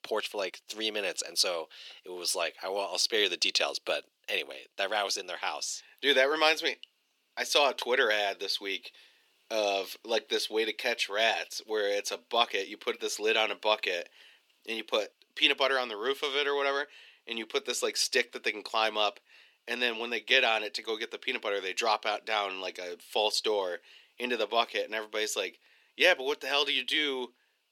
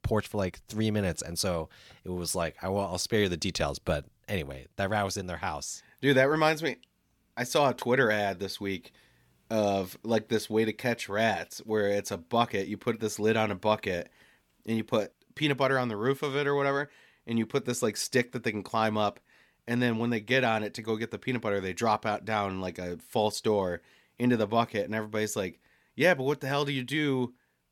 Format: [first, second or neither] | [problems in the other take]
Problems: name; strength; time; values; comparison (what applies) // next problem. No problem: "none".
second | thin; very; fading below 350 Hz